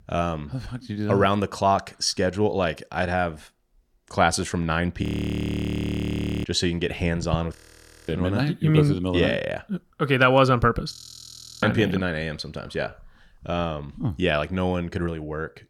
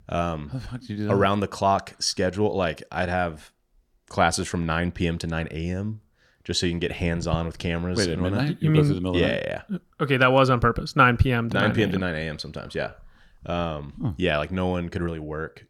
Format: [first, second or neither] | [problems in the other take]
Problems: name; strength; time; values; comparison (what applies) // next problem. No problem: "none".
second | audio freezing; at 5 s for 1.5 s, at 7.5 s for 0.5 s and at 11 s for 0.5 s